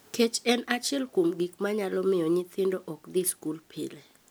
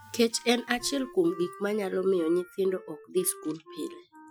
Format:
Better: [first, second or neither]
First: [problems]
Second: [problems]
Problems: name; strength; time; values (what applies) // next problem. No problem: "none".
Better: first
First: none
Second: noise reduction (classical method Wiener filter)